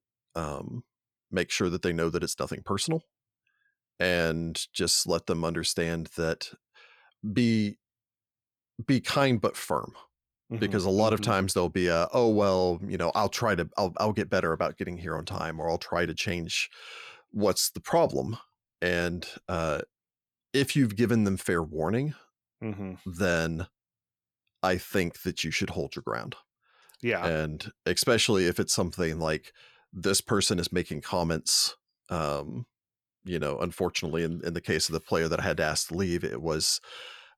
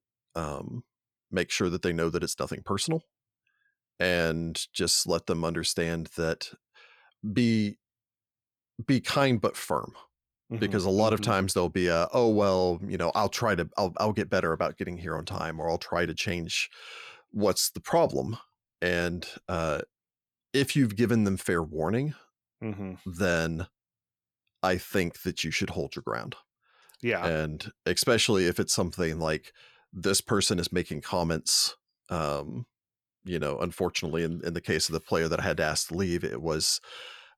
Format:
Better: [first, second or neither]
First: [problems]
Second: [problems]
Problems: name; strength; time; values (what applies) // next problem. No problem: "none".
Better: neither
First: none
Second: none